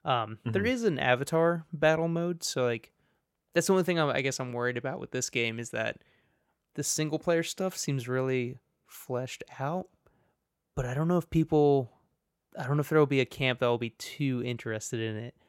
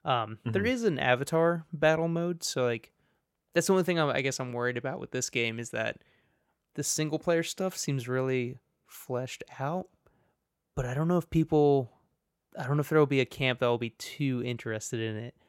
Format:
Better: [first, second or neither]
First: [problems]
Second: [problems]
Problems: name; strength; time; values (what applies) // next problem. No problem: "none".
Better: neither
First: none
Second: none